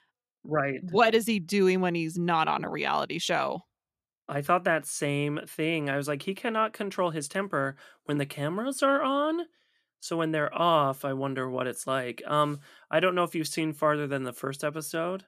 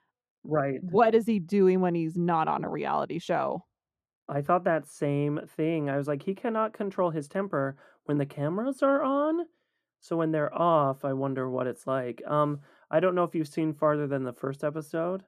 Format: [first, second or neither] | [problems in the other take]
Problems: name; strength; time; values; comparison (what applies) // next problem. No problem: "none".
first | muffled; slightly; fading above 1.5 kHz